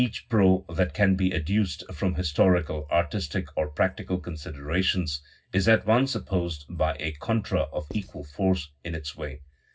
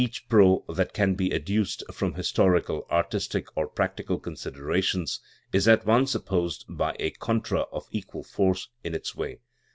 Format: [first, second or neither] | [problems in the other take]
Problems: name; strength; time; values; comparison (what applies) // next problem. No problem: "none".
second | background sound (Writing); 17 dB below the speech // room echo; dies away in 0.4 s